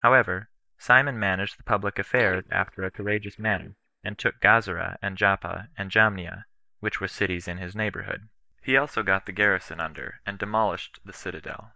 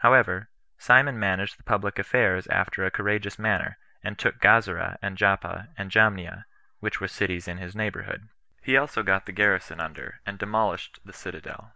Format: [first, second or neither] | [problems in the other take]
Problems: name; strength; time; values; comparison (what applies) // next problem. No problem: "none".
second | noise reduction (neural mask model DeepFilterNet 3)